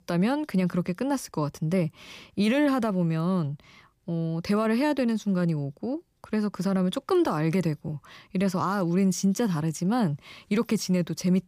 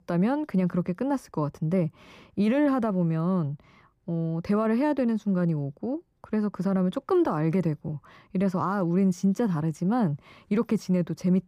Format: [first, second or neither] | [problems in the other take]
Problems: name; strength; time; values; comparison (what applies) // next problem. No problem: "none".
first | muffled; slightly; fading above 2 kHz